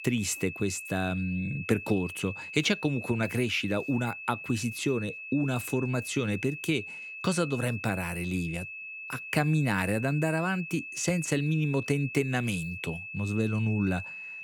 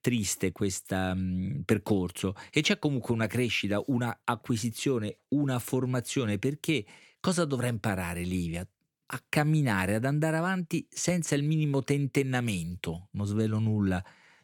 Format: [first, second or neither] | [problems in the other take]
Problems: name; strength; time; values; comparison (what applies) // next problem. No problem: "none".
second | high-pitched whine; loud; throughout; 2.5 kHz, 9 dB below the speech